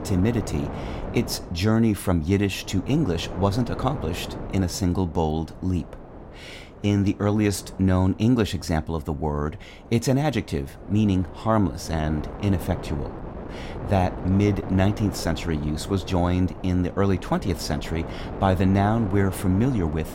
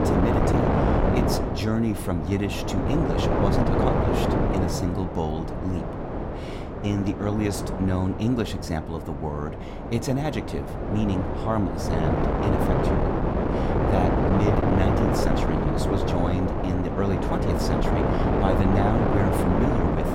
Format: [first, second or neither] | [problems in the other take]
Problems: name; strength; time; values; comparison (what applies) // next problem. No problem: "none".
first | wind noise on the microphone; heavy; 4 dB above the speech; occasional gusts in the first